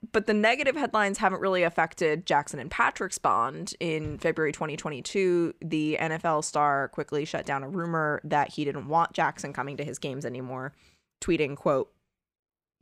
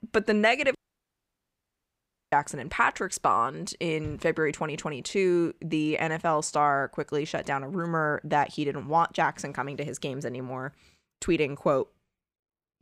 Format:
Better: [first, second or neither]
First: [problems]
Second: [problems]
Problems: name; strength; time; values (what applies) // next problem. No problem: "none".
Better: first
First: none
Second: audio cutting out; at 1 s for 1.5 s